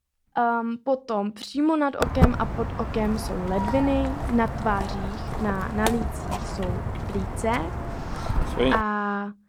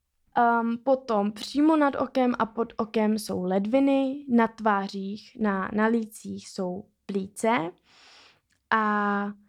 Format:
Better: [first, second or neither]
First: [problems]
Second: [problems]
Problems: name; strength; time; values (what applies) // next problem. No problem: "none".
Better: second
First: footsteps; loud; from 2 to 9 s; peak 5 dB above the speech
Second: none